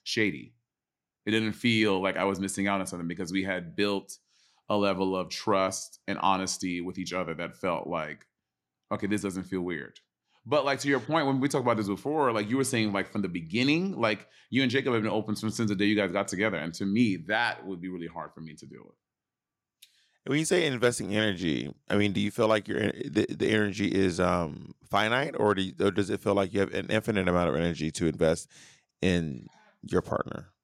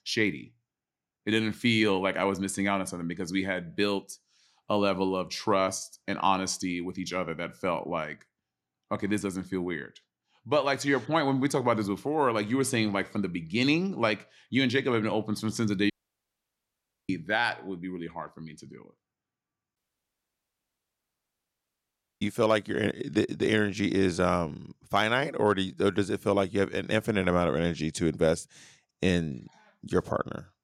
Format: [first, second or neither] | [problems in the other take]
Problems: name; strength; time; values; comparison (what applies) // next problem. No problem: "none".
first | audio cutting out; at 16 s for 1 s and at 20 s for 2.5 s